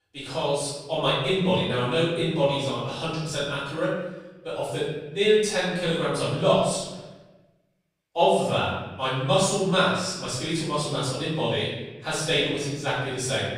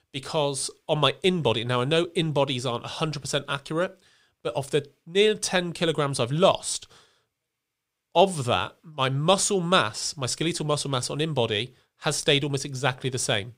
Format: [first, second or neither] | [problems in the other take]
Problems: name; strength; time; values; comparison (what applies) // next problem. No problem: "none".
second | off-mic speech; far // room echo; strong; dies away in 1 s